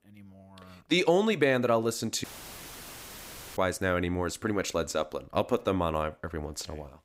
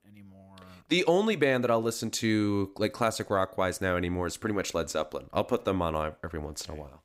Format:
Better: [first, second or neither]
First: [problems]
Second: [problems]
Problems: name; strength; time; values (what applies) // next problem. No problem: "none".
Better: second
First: audio cutting out; filled with static; at 2 s for 1.5 s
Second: none